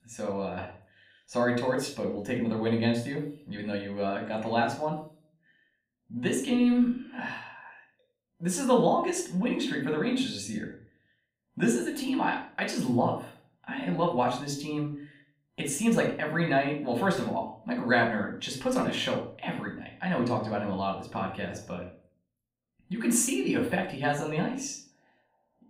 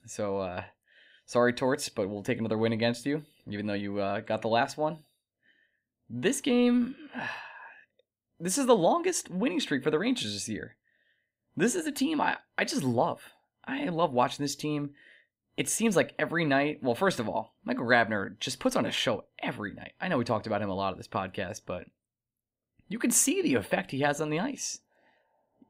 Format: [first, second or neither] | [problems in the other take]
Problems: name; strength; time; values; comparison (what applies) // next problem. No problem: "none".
second | off-mic speech; somewhat distant // room echo; slight; dies away in 0.4 s